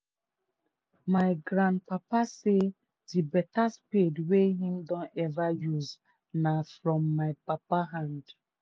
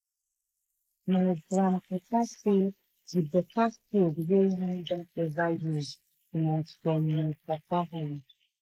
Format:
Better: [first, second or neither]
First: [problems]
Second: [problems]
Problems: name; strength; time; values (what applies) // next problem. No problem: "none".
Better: first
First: none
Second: noise reduction (neural mask model Resemble Enhance denoiser)